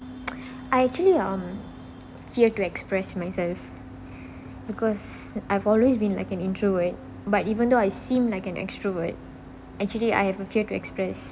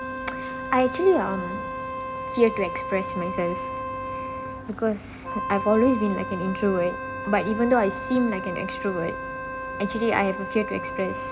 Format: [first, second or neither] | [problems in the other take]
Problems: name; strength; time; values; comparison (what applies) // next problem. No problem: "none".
first | background sound (Wind instrument, woodwind instrument); 7 dB below the speech